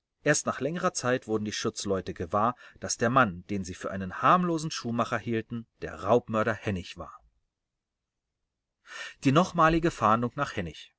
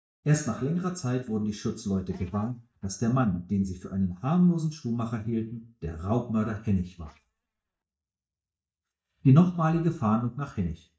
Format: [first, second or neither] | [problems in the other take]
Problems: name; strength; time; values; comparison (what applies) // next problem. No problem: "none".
first | noise reduction (neural mask model DeepFilterNet 3)